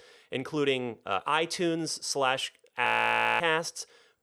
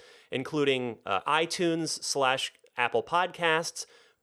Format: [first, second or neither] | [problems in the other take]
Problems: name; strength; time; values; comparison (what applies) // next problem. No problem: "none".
second | audio freezing; at 3 s for 0.5 s